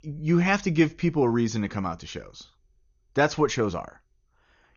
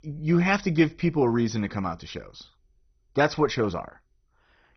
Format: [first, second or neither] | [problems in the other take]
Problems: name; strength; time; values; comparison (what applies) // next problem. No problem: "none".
first | garbled, watery; badly; nothing above 6 kHz; slightly in the first